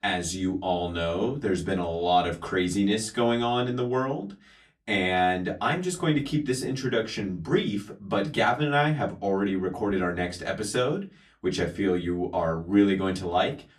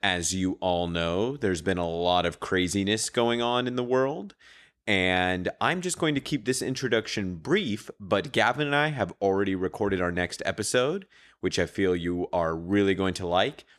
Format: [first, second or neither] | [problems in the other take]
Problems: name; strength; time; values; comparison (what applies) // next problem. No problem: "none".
second | off-mic speech; far // room echo; very slight; dies away in 0.2 s